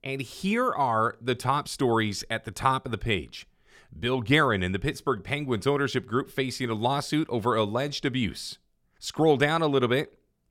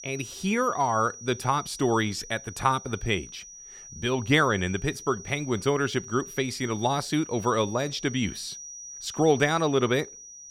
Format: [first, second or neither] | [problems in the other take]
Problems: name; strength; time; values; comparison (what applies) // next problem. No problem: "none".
first | high-pitched whine; noticeable; throughout; 6 kHz, 15 dB below the speech